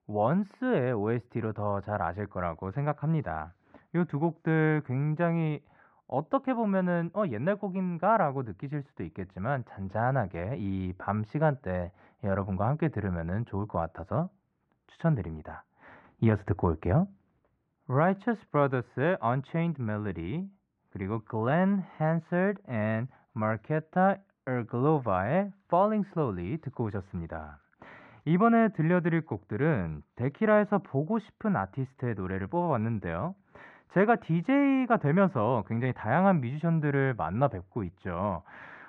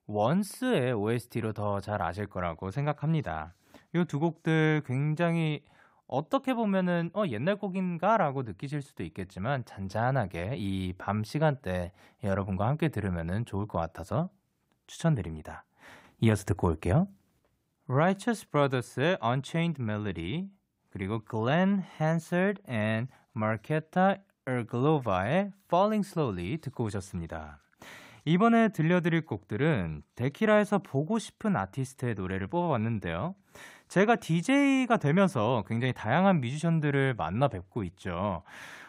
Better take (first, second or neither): second